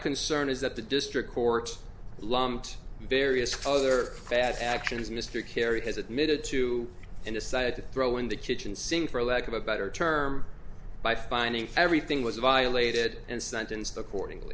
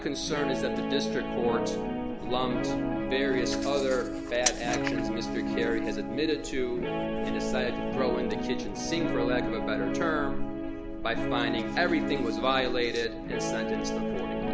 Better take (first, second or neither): first